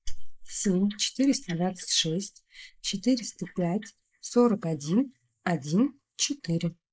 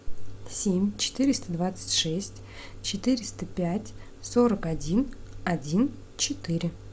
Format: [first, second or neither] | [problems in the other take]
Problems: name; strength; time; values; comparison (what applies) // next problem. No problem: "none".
second | noise reduction (neural mask model Resemble Enhance denoiser)